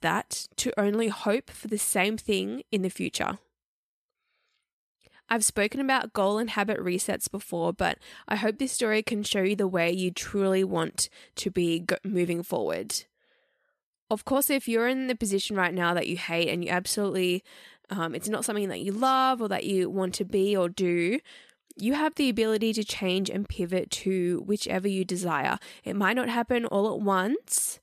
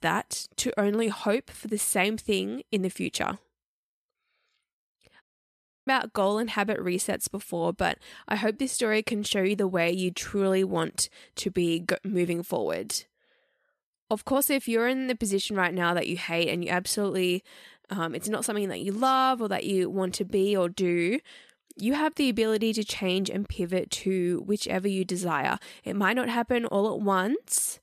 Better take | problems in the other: first | audio cutting out; at 5 s for 0.5 s

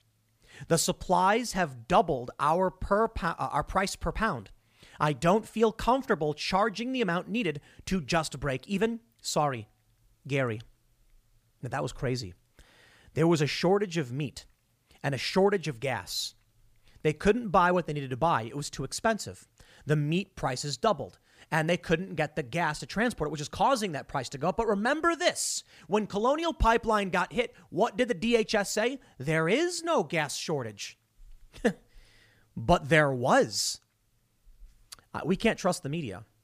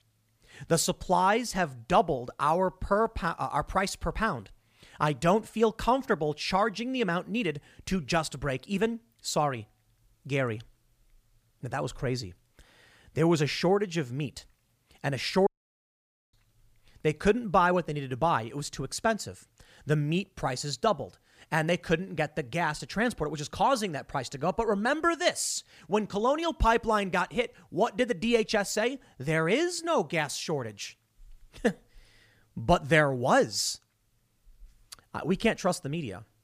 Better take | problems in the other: first | audio cutting out; at 15 s for 1 s

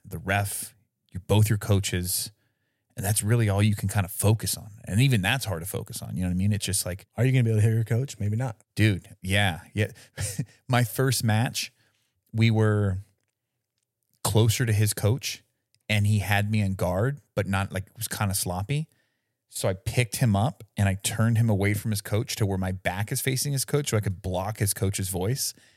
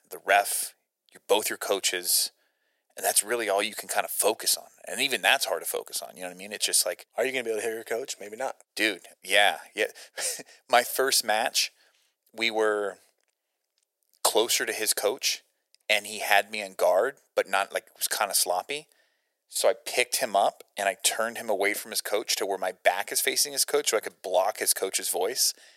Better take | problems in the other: first | thin; very; fading below 400 Hz

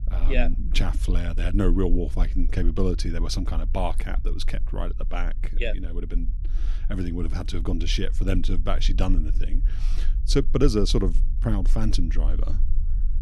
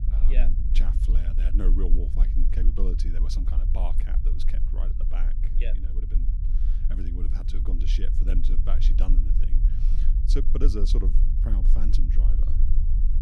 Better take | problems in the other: first | low rumble; loud; throughout; 6 dB below the speech; faint in the first

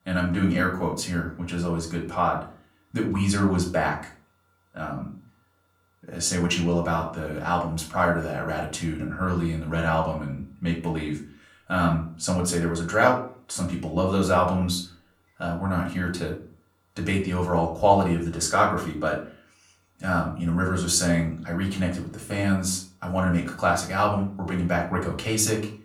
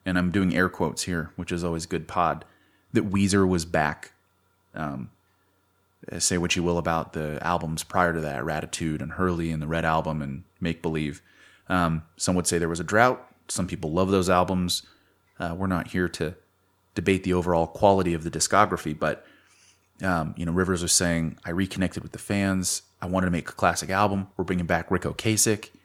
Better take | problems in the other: second | room echo; slight; dies away in 0.4 s // off-mic speech; far

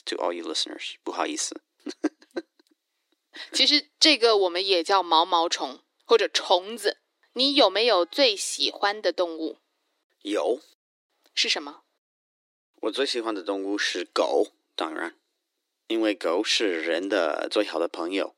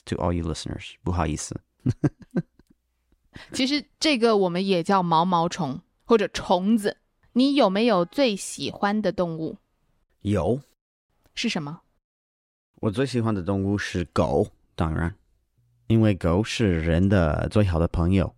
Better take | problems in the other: second | thin; somewhat; fading below 300 Hz

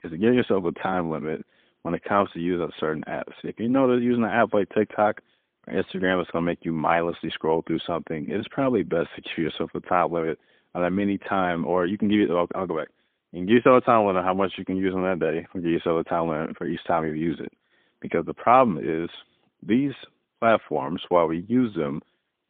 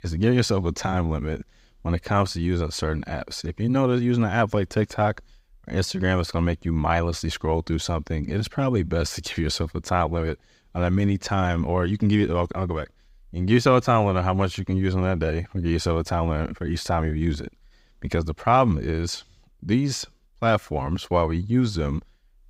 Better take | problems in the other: second | phone-call audio; poor line; nothing above 3.5 kHz

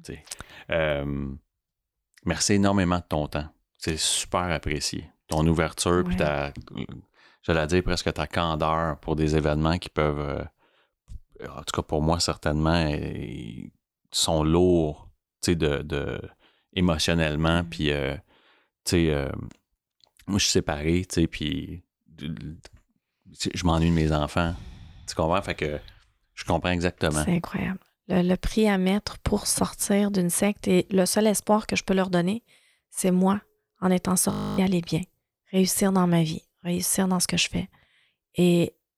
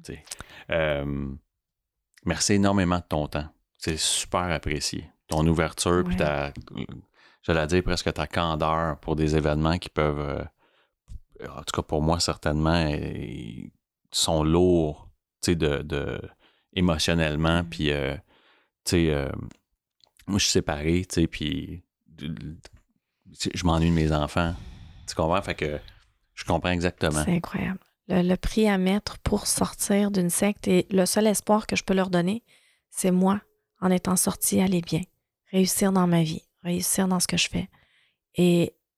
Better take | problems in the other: second | audio freezing; at 34 s

